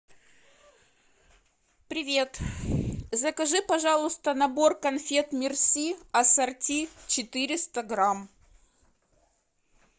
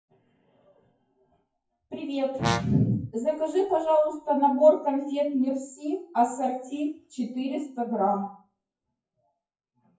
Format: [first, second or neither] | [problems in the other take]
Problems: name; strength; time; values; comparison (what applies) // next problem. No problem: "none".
first | noise reduction (classical method WPE with log-MMSE)